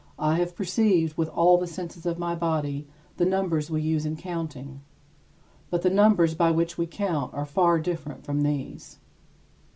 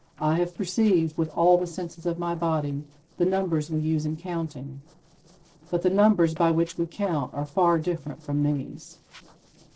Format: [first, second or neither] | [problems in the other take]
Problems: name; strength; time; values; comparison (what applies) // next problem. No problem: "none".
first | noise reduction (neural separator model SepFormer DNS4)